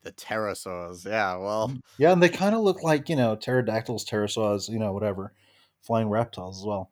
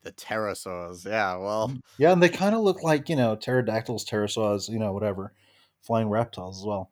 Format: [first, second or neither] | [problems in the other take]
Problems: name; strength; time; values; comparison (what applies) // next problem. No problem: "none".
neither | none